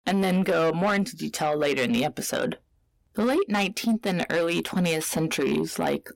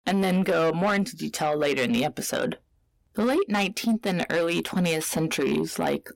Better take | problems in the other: neither | distortion; slight; 10 dB below the speech; the same in both

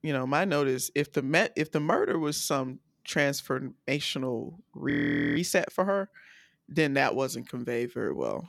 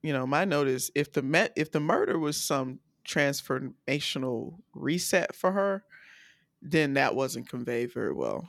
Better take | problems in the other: second | audio freezing; at 5 s

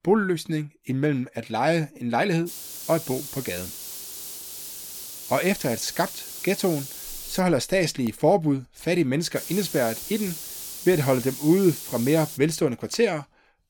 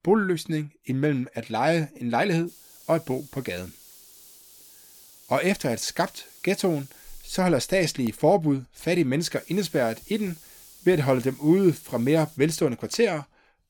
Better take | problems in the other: second | hiss; loud; from 2.5 to 7.5 s and from 9.5 to 12 s; 10 dB below the speech; faint in the second

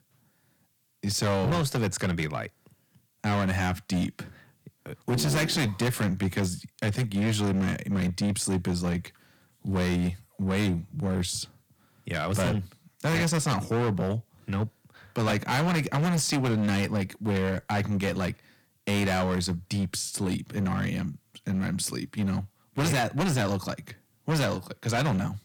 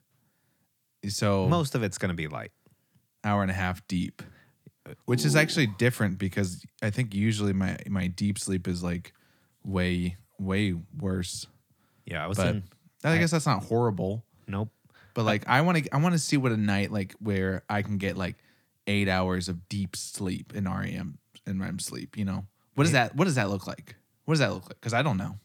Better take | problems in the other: second | distortion; heavy; 17% of the sound clipped

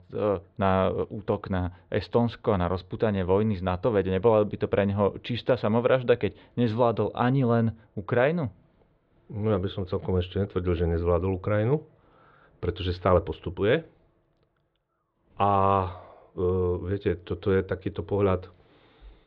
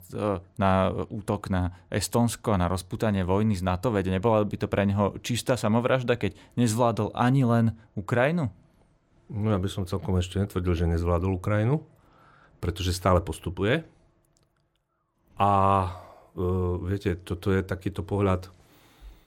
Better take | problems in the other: second | muffled; slightly; fading above 4 kHz

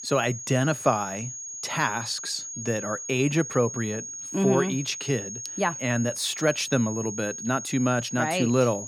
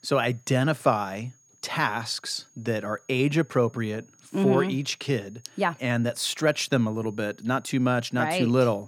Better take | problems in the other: second | high-pitched whine; loud; throughout; 6.5 kHz, 8 dB below the speech; faint in the second

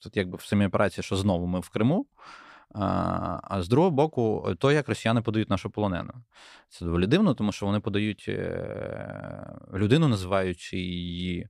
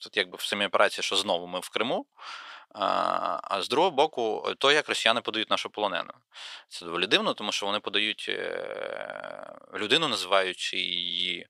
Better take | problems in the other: first | thin; very; fading below 600 Hz

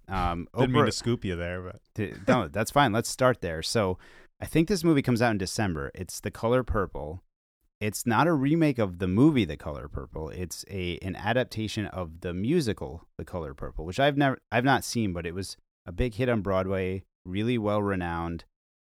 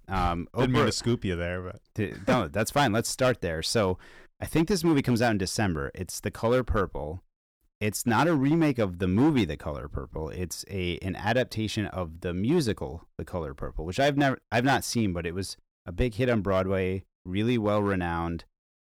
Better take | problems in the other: first | distortion; slight; 4% of the sound clipped

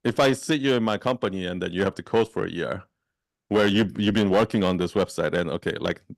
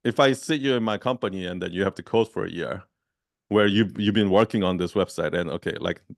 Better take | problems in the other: second | distortion; slight; 4% of the sound clipped

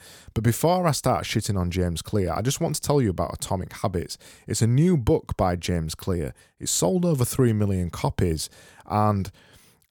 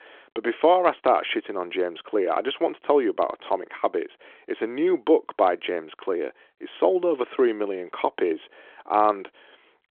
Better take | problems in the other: first | phone-call audio

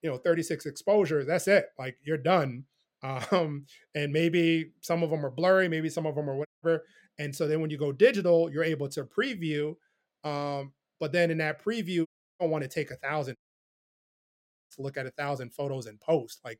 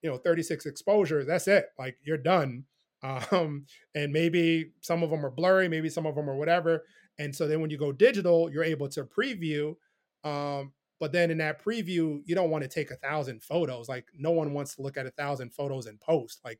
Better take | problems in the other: second | audio cutting out; at 6.5 s, at 12 s and at 13 s for 1.5 s

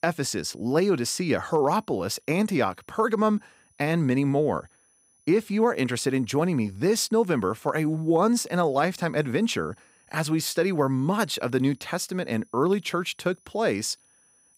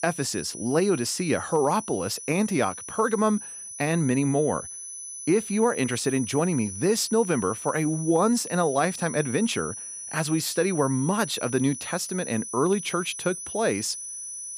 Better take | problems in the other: first | high-pitched whine; loud; throughout; 10 kHz, 9 dB below the speech; faint in the first

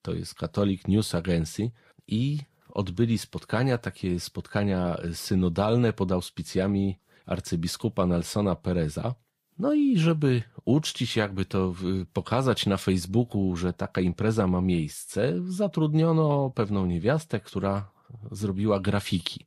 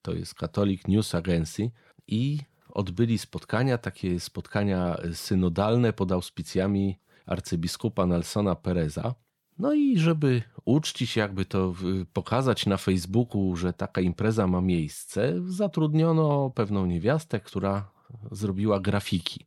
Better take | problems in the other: second | garbled, watery; slightly; nothing above 12.5 kHz

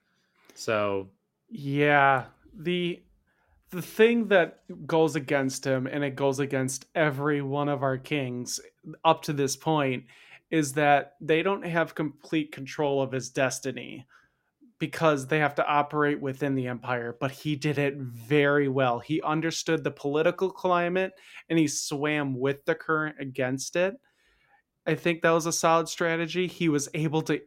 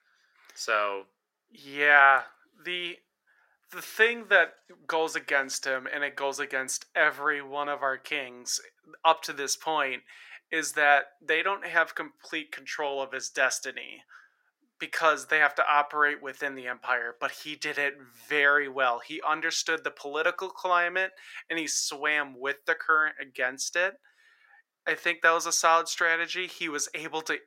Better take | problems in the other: first | thin; very; fading below 650 Hz

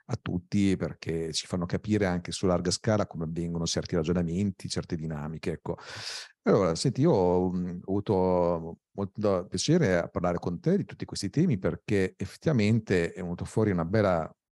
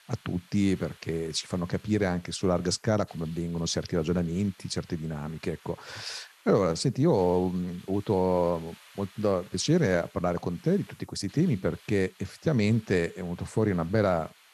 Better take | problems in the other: first | hiss; faint; throughout; 25 dB below the speech

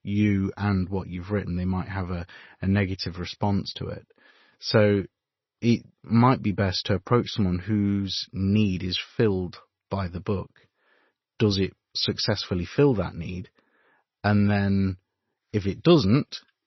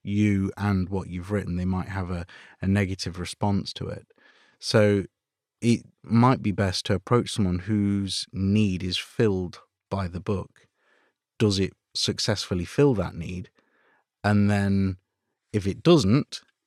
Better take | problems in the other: second | garbled, watery; slightly; nothing above 5.5 kHz

